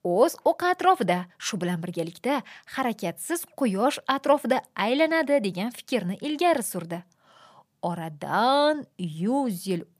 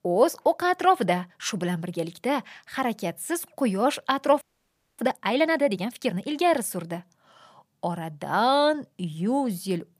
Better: first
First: none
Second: audio freezing; at 4.5 s for 0.5 s

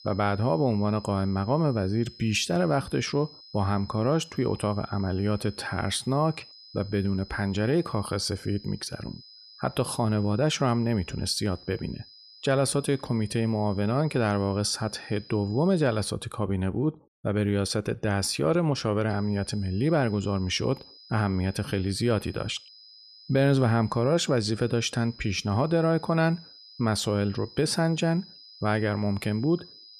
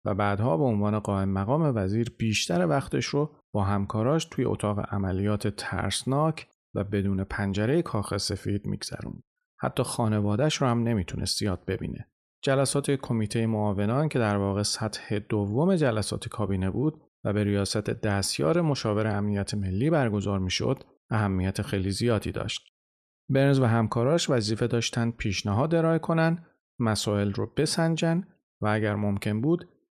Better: second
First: high-pitched whine; faint; until 16 s and from 19 s on; 5 kHz, 20 dB below the speech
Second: none

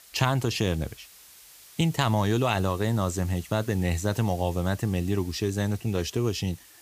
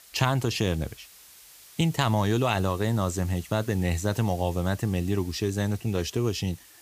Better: neither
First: hiss; faint; throughout; 20 dB below the speech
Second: hiss; faint; throughout; 20 dB below the speech

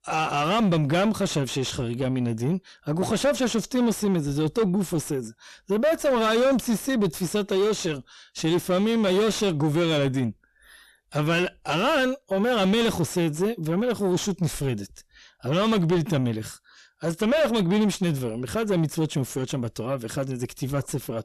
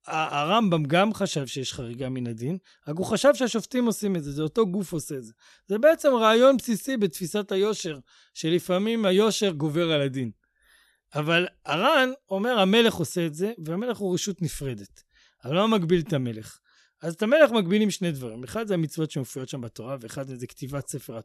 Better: second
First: distortion; heavy; 6 dB below the speech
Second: none

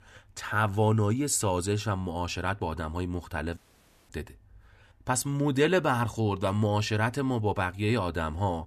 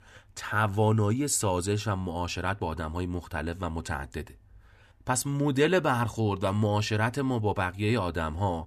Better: second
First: audio cutting out; at 3.5 s for 0.5 s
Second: none

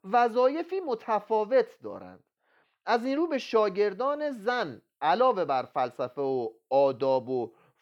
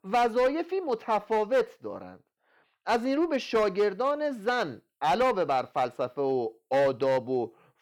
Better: first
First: none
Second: distortion; slight; 6% of the sound clipped

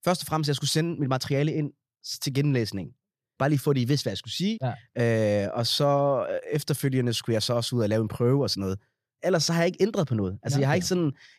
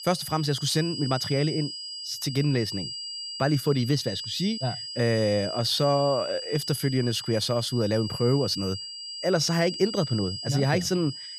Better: first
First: none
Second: high-pitched whine; loud; throughout; 5 kHz, 8 dB below the speech

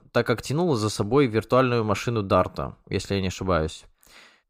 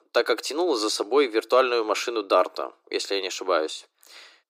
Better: first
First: none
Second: thin; very; fading below 300 Hz

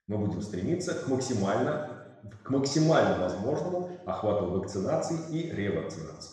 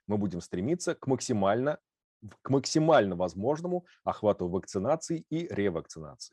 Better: second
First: room echo; noticeable; dies away in 1.1 s // off-mic speech; somewhat distant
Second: none

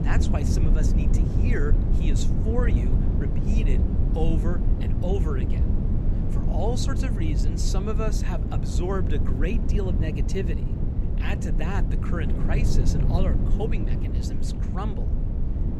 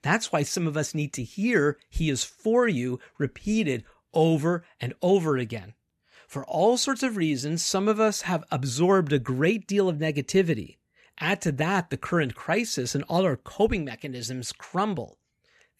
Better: second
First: low rumble; loud; throughout; 2 dB below the speech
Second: none

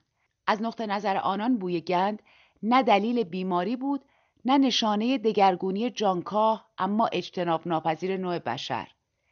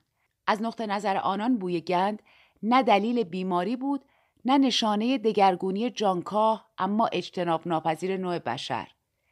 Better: second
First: garbled, watery; slightly; nothing above 6 kHz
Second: none

